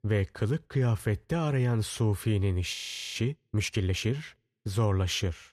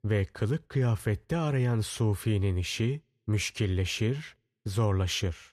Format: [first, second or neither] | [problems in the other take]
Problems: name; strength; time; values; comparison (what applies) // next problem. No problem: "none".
second | audio freezing; at 2.5 s